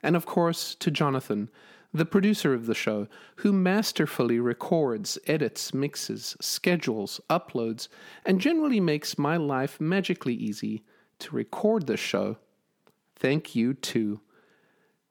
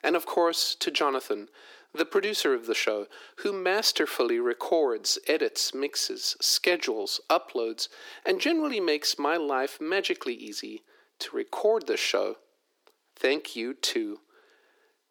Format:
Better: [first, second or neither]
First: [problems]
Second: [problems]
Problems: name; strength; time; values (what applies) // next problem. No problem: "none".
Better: first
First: none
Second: thin; very; fading below 300 Hz